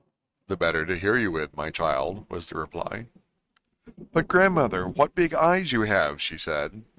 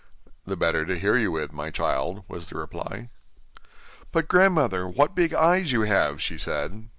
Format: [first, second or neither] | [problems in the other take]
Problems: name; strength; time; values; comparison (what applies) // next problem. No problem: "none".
second | noise reduction (neural mask model RNNoise)